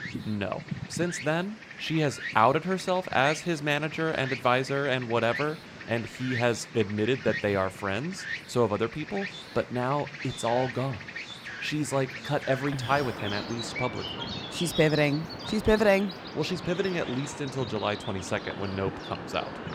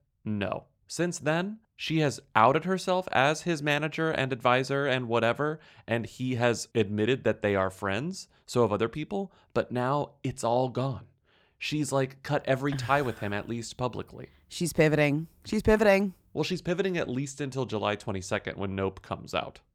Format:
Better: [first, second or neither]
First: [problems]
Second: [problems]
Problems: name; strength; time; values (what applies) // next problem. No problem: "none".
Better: second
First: animal sounds; loud; throughout; 9 dB below the speech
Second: none